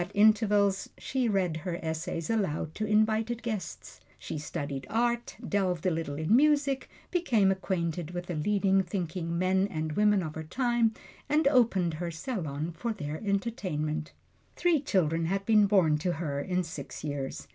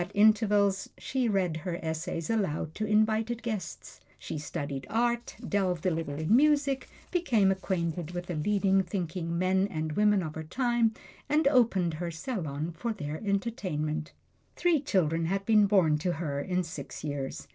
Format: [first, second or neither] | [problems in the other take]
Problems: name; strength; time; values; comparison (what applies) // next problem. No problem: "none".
first | noise reduction (neural separator model SepFormer DNS4)